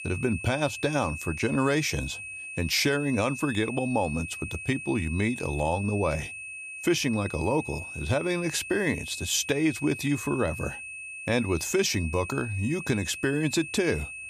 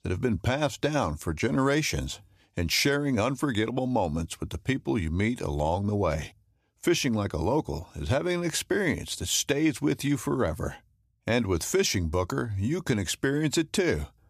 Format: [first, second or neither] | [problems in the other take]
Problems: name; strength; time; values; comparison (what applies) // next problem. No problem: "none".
second | high-pitched whine; loud; throughout; 2.5 kHz, 9 dB below the speech